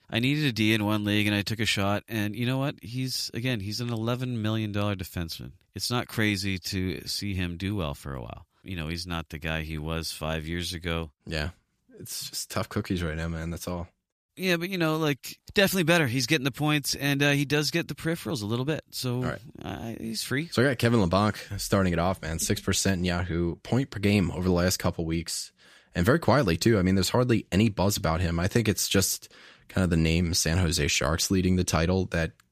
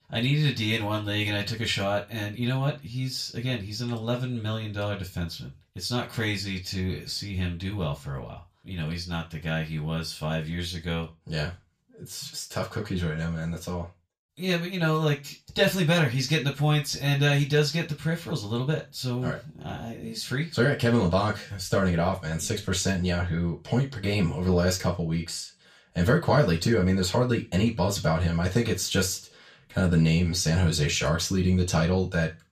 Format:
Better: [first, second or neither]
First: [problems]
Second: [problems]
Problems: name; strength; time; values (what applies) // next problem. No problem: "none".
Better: first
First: none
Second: room echo; very slight; dies away in 0.2 s // off-mic speech; far